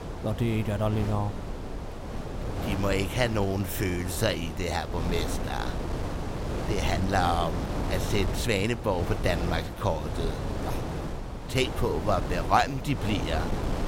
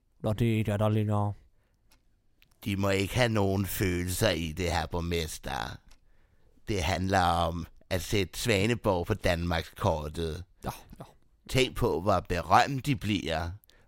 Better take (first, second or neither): second